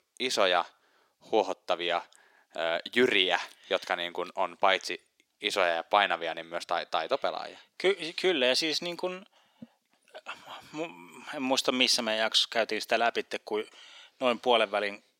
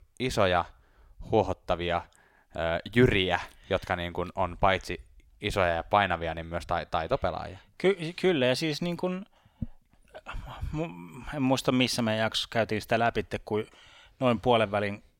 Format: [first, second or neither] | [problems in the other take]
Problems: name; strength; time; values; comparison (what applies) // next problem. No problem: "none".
second | thin; somewhat; fading below 300 Hz